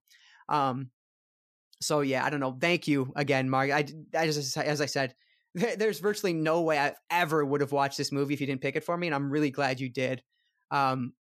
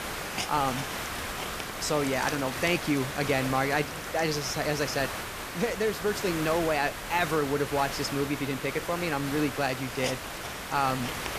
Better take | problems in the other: first | hiss; loud; throughout; 5 dB below the speech

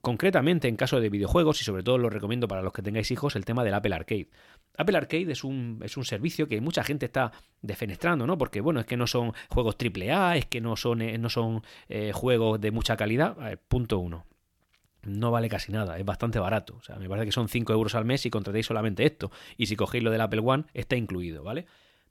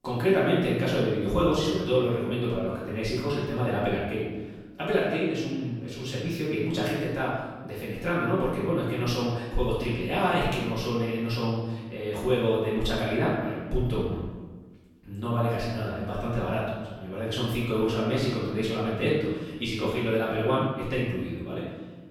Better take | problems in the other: first | room echo; noticeable; dies away in 1.2 s // off-mic speech; far

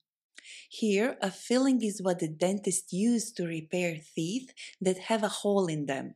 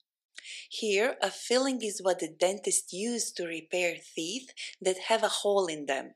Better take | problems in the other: first | thin; somewhat; fading below 500 Hz

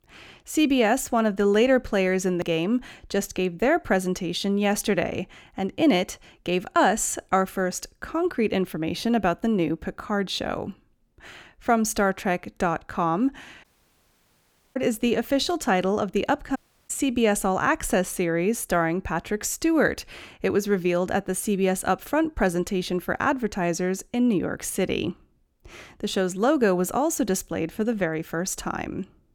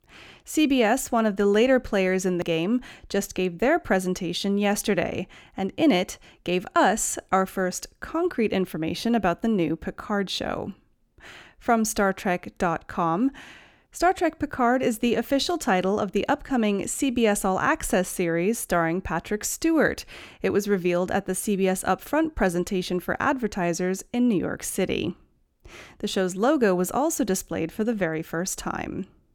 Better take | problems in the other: second | audio cutting out; at 14 s for 1 s and at 17 s

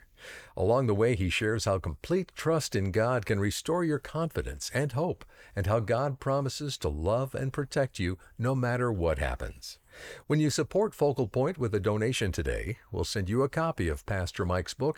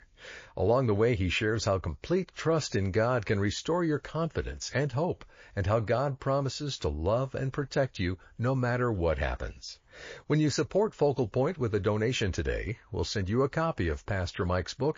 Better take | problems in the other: first | garbled, watery; slightly

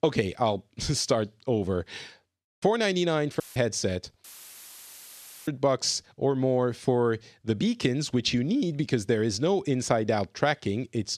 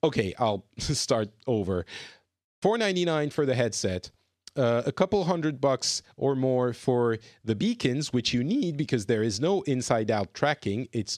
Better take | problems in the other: second | audio cutting out; filled with static; at 3.5 s and at 4 s for 1 s

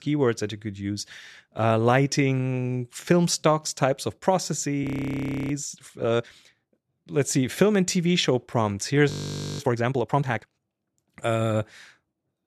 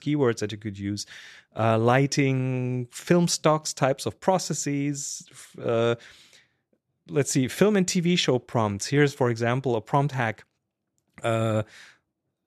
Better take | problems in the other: second | audio freezing; at 5 s for 0.5 s and at 9 s

